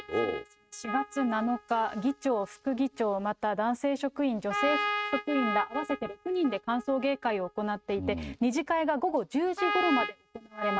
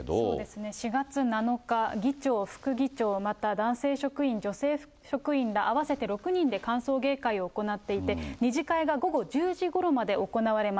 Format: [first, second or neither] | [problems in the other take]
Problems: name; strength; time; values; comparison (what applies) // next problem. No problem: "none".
second | noise reduction (neural mask model RNNoise)